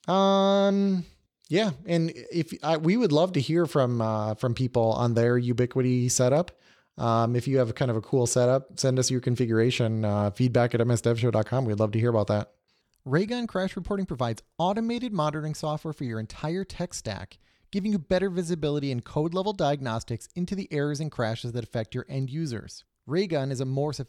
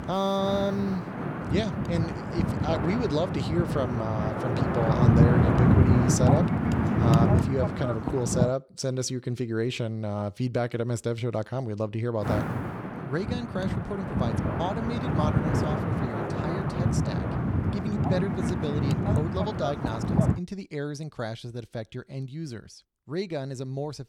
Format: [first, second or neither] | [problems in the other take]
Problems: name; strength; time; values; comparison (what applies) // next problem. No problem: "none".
first | wind noise on the microphone; heavy; until 8.5 s and from 12 to 20 s; 1 dB above the speech